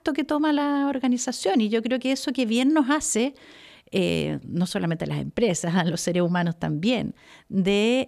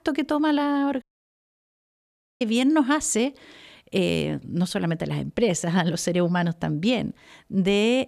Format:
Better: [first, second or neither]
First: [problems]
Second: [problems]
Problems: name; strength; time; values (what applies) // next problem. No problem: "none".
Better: first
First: none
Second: audio cutting out; at 1 s for 1.5 s